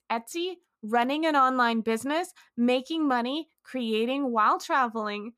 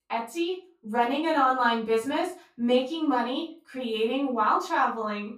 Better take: first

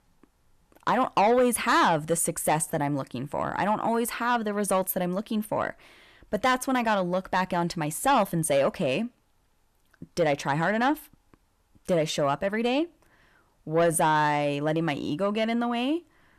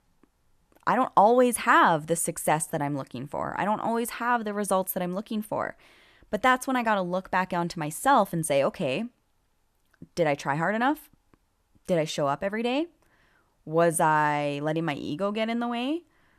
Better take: second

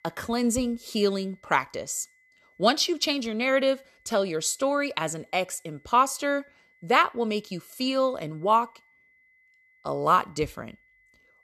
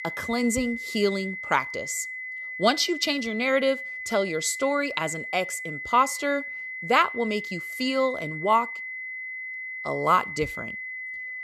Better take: first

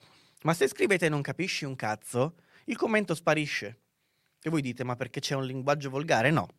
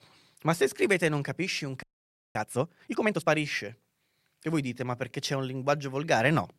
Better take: first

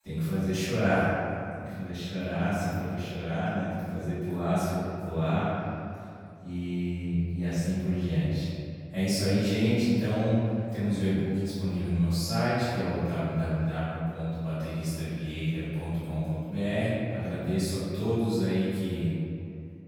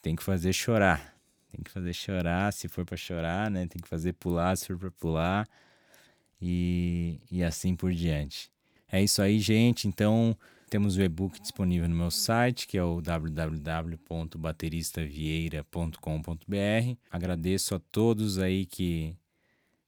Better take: second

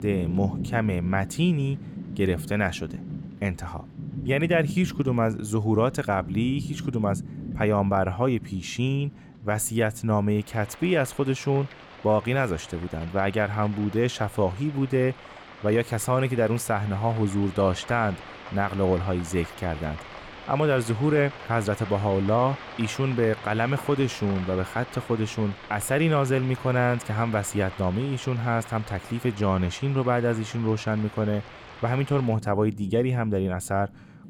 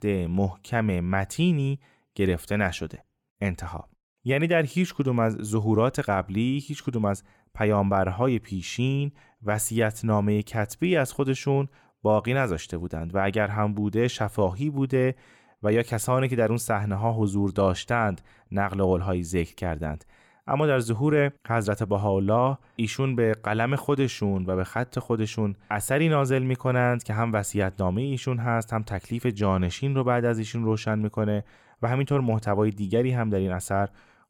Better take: second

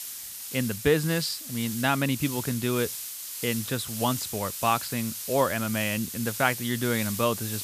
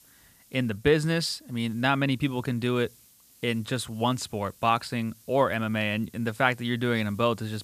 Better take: second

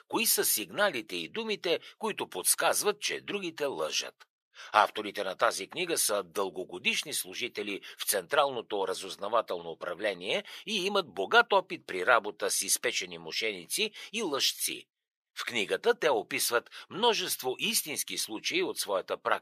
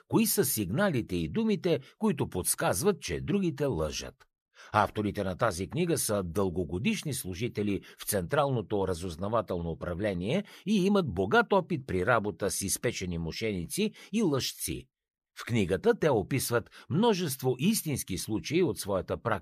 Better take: second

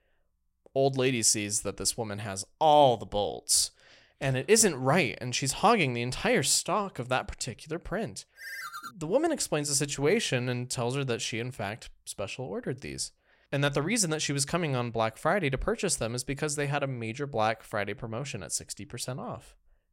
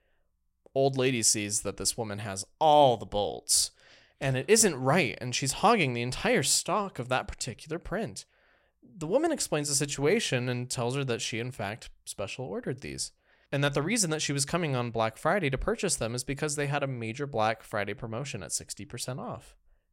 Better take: second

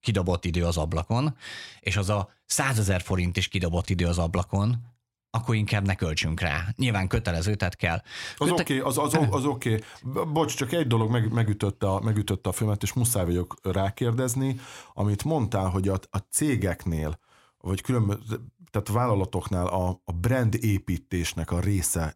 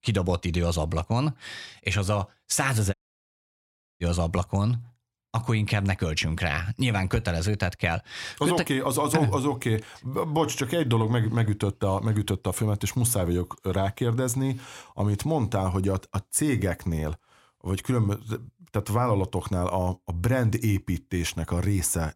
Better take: first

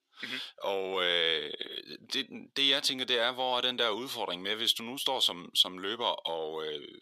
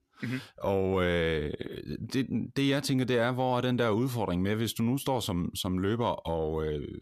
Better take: second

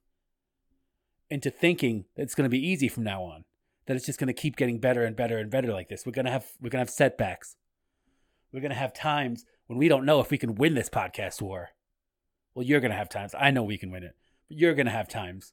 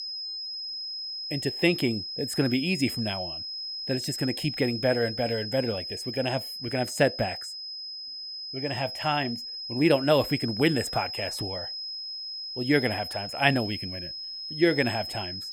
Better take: first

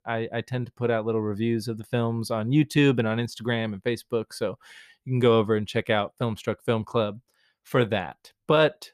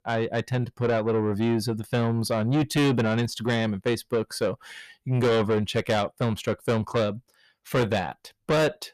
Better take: first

